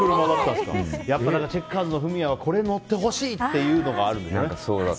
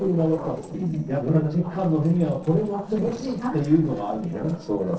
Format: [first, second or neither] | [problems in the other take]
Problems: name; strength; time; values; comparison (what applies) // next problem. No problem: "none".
first | noise reduction (neural separator model SepFormer DNS4)